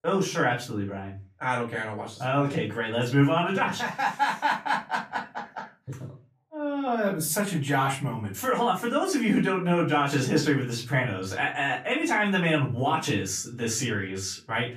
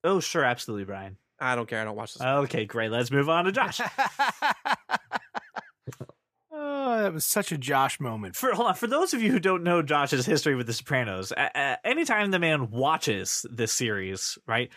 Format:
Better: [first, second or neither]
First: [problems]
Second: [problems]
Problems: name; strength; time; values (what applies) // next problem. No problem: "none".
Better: second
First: off-mic speech; far // room echo; very slight; dies away in 0.3 s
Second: none